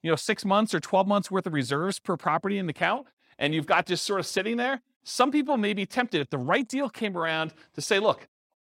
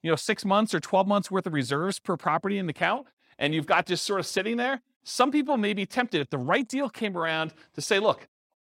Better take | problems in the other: neither | none

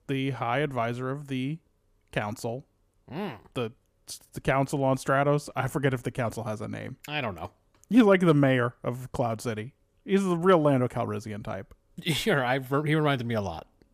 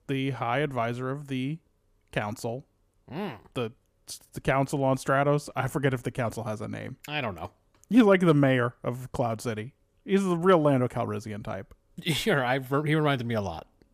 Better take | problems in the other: neither | none

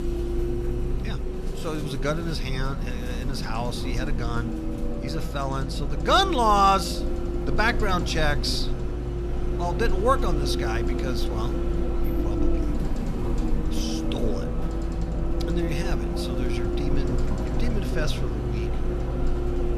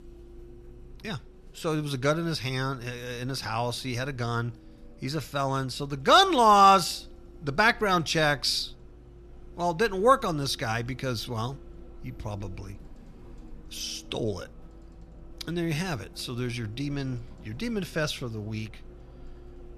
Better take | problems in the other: second | traffic noise; loud; throughout; 1 dB below the speech; faint in the second

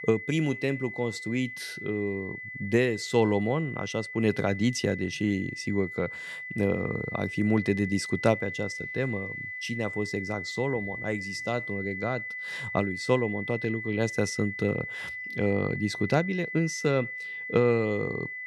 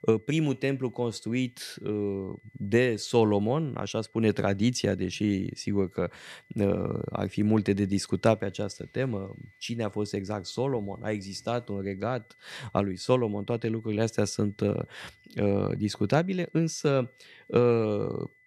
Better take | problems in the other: second | high-pitched whine; loud; throughout; 2 kHz, 7 dB below the speech; faint in the second

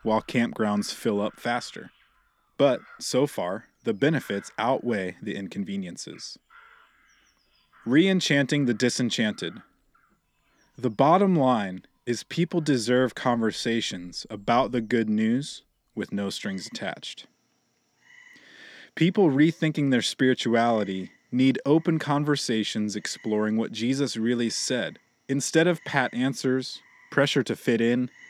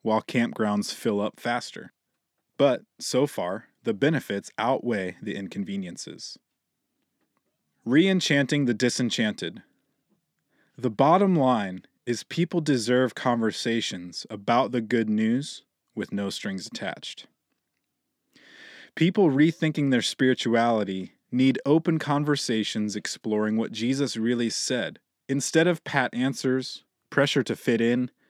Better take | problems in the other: second | animal sounds; faint; throughout; 30 dB below the speech

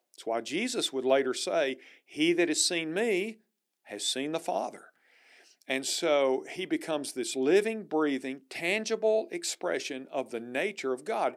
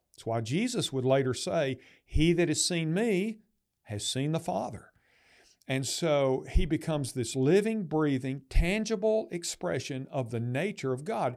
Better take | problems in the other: second | thin; somewhat; fading below 250 Hz

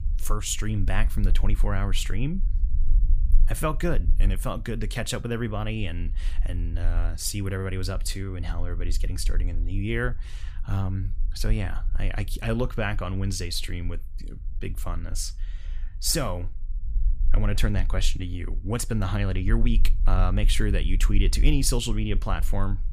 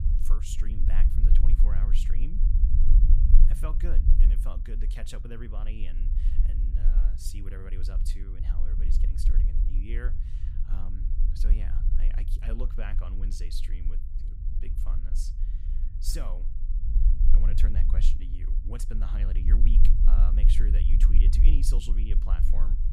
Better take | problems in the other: first | low rumble; loud; throughout; 3 dB below the speech; faint in the first

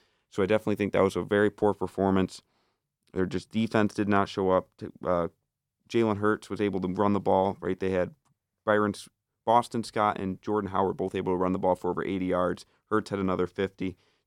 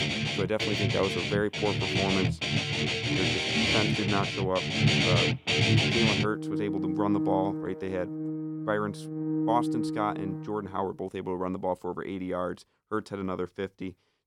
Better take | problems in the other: first | background music; very loud; until 11 s; 4 dB above the speech

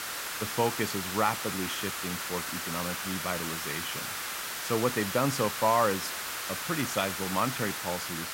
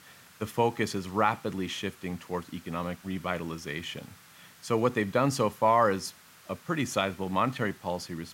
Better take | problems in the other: second | hiss; loud; throughout; 2 dB below the speech; faint in the second

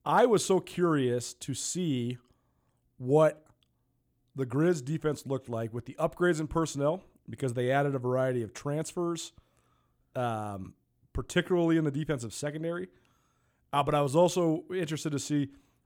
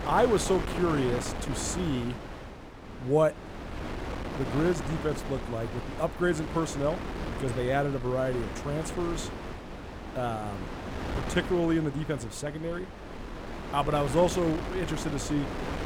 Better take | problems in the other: first | wind noise on the microphone; heavy; 8 dB below the speech

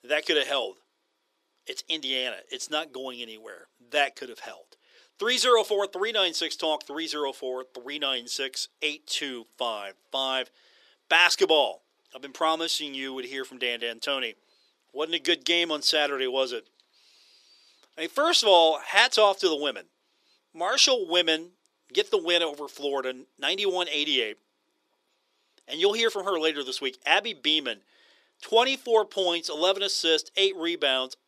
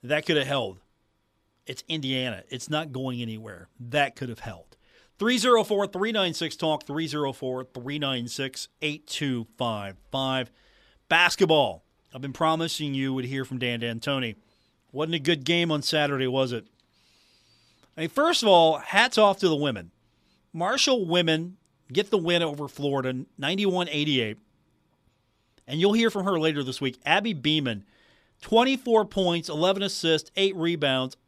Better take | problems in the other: second | thin; somewhat; fading below 350 Hz

